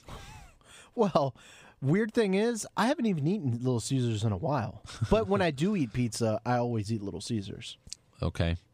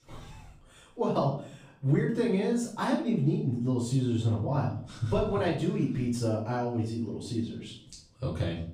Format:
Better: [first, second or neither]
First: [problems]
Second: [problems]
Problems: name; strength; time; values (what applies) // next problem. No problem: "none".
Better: first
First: none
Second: off-mic speech; far // room echo; noticeable; dies away in 0.5 s